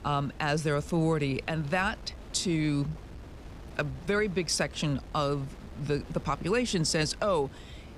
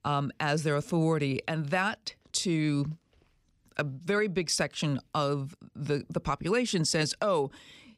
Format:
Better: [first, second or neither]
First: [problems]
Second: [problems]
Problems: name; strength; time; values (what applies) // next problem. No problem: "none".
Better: second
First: wind noise on the microphone; occasional gusts; 20 dB below the speech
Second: none